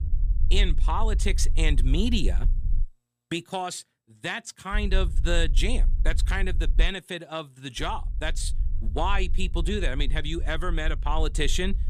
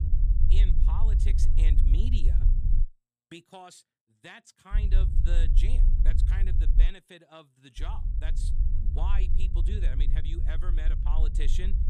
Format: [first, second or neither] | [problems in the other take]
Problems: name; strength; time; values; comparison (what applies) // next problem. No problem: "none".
first | low rumble; loud; until 3 s, from 4.5 to 7 s and from 8 s on; 4 dB below the speech; faint in the first